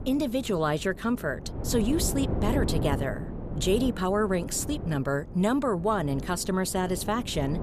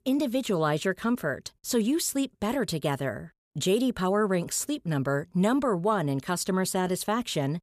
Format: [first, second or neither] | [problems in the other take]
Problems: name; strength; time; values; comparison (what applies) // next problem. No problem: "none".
second | wind noise on the microphone; occasional gusts; 10 dB below the speech